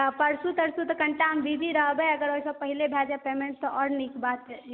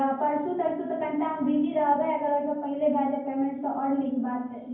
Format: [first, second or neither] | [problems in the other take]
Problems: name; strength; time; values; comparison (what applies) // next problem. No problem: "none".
first | room echo; dies away in 0.9 s